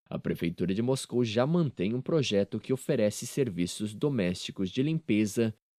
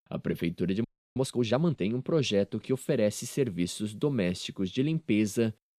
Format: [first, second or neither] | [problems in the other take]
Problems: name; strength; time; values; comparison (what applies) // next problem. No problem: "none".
first | audio freezing; at 1 s